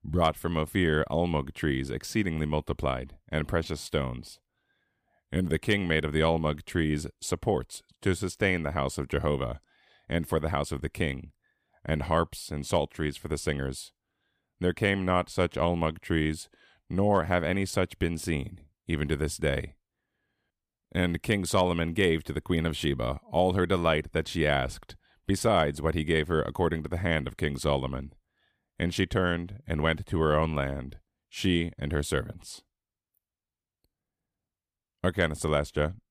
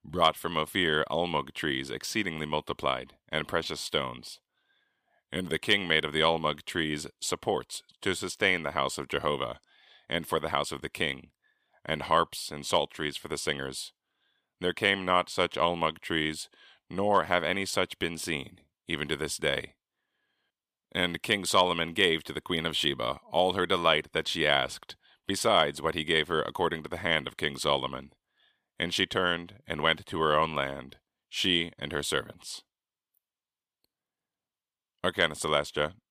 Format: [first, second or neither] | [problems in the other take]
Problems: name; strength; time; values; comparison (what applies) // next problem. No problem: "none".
first | thin; somewhat; fading below 900 Hz